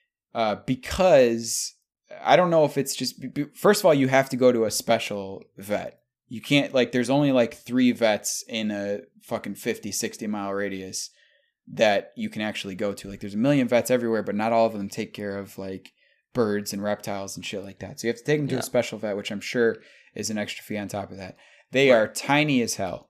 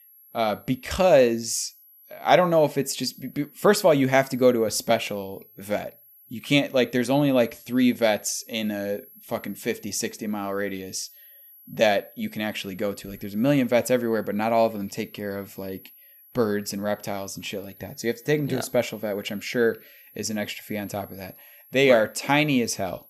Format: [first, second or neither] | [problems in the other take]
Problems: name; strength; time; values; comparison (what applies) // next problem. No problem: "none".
first | high-pitched whine; faint; throughout; 11.5 kHz, 25 dB below the speech